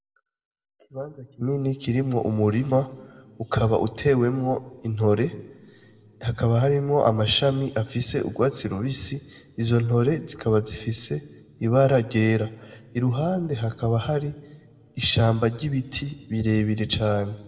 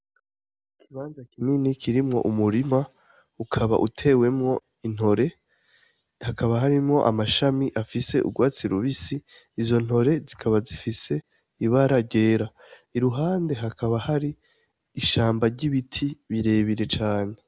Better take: second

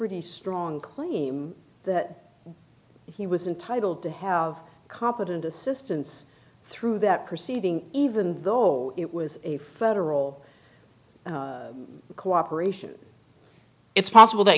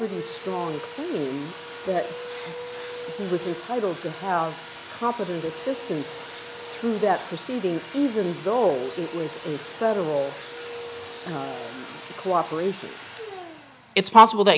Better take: first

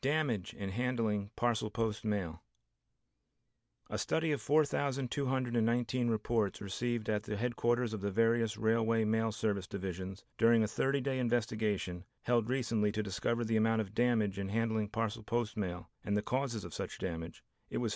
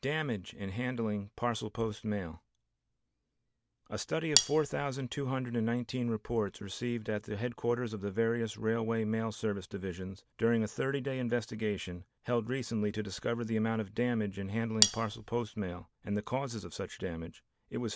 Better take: first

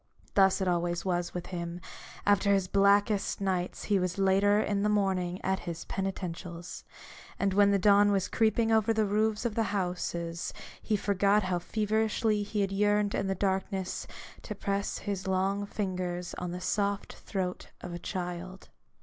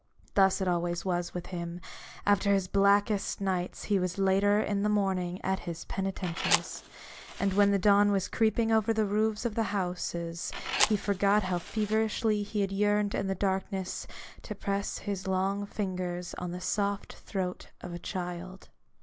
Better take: first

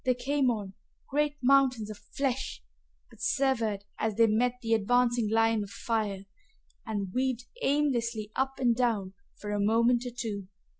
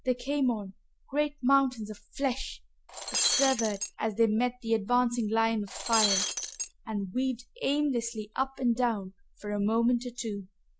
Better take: first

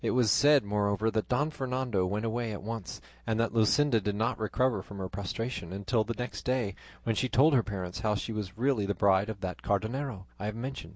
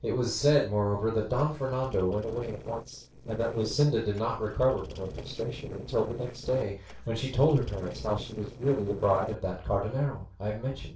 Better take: first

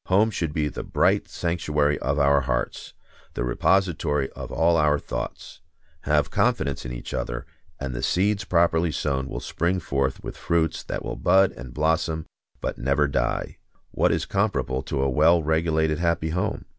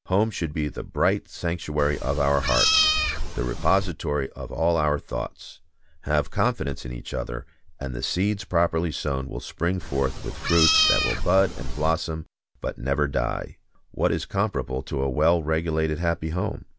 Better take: first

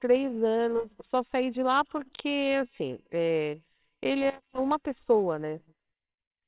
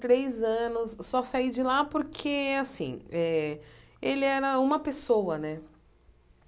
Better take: second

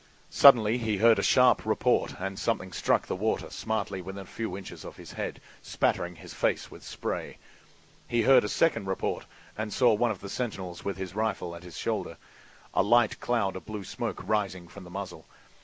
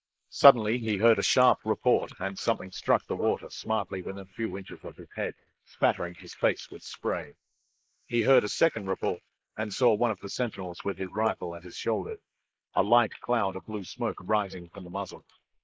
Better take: first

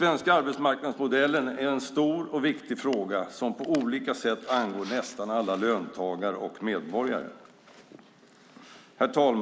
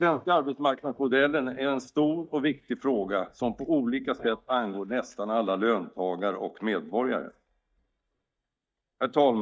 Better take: first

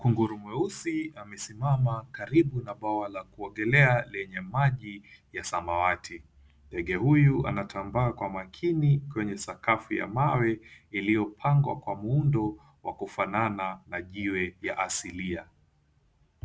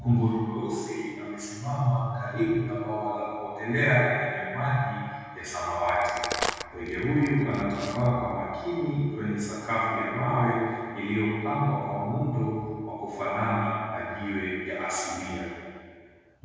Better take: first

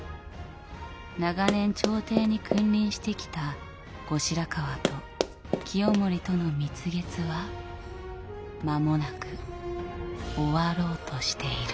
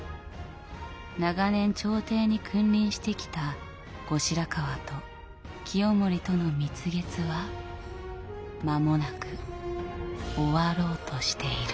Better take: second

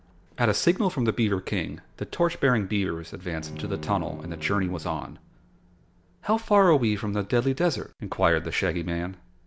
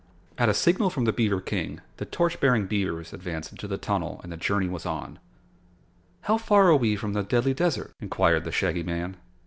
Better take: second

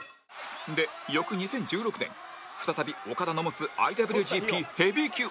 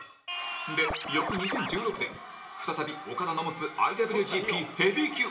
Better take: first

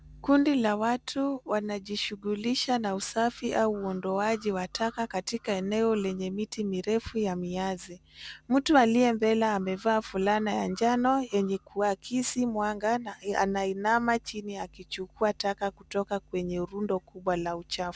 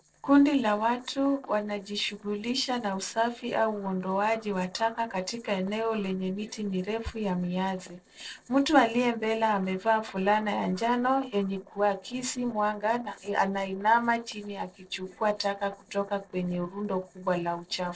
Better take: first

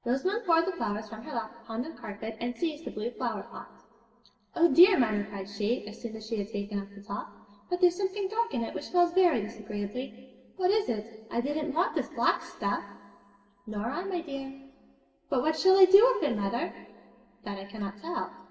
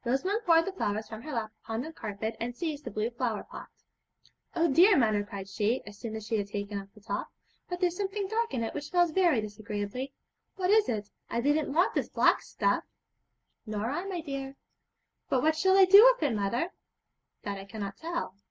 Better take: second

